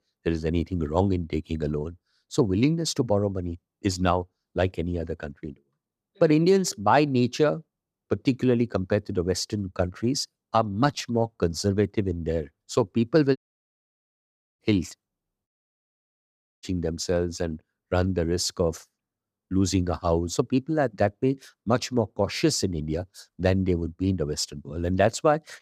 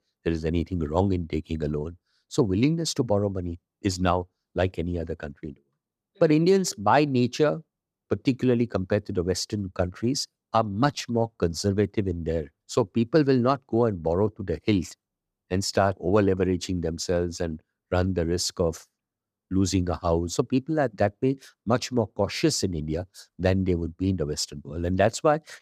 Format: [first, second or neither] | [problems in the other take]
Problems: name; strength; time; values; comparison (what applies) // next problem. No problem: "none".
second | audio cutting out; at 13 s for 1 s and at 15 s for 1 s